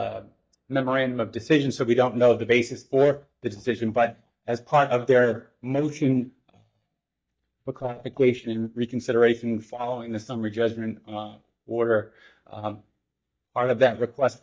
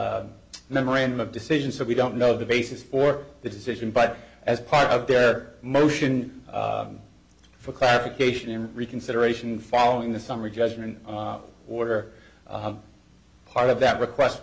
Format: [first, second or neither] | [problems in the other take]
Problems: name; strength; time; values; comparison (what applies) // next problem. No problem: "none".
second | noise reduction (neural mask model DeepFilterNet 3)